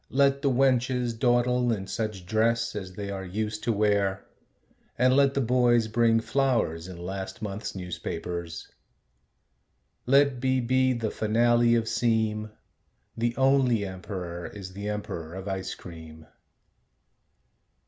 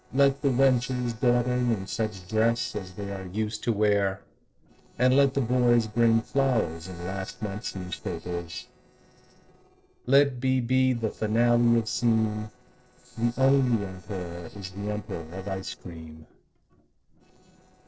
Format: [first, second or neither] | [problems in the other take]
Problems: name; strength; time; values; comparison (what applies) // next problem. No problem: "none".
first | noise reduction (neural separator model SepFormer DNS4)